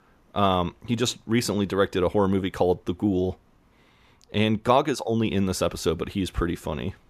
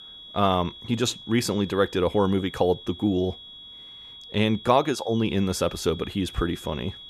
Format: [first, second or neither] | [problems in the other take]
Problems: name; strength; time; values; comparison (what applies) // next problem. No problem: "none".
first | high-pitched whine; noticeable; throughout; 3.5 kHz, 15 dB below the speech